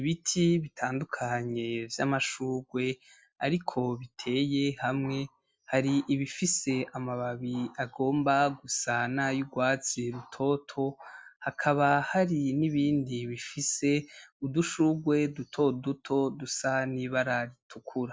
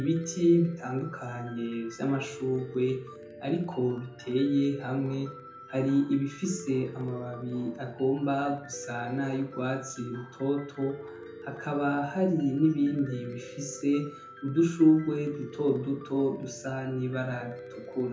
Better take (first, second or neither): first